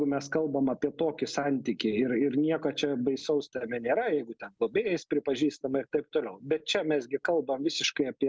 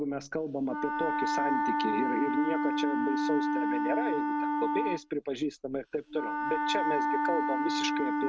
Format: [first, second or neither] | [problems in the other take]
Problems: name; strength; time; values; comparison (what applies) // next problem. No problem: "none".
first | noise reduction (neural mask model RNNoise)